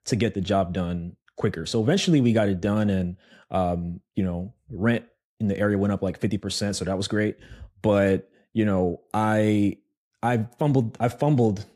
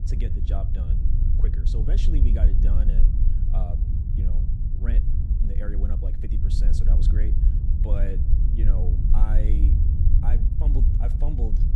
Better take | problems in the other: first | low rumble; loud; throughout; 1 dB below the speech

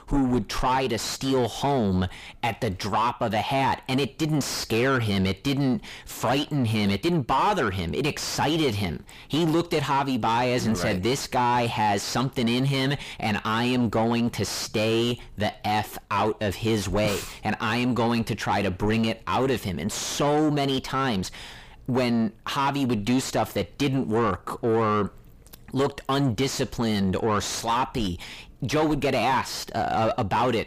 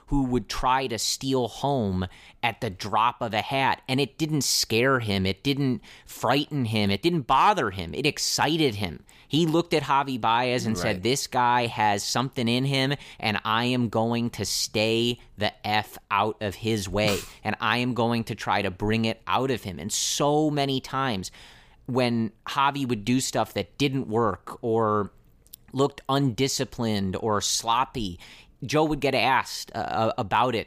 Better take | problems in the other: second | distortion; heavy; 6 dB below the speech

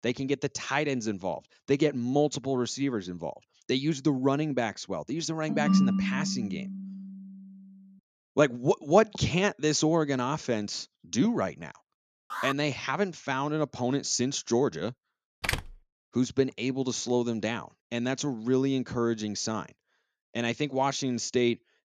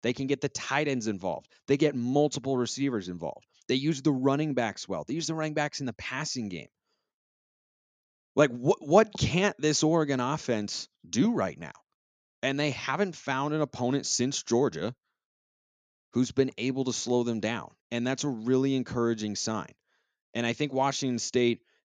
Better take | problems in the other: second | phone ringing; loud; from 5.5 to 7 s; peak 5 dB above the speech // alarm; noticeable; at 12 s; peak 5 dB below the speech // door banging; noticeable; at 15 s; peak 3 dB below the speech

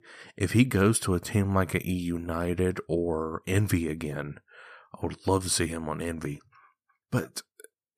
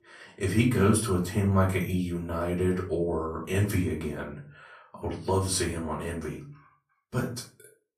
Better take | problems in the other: first | off-mic speech; far // room echo; slight; dies away in 0.3 s

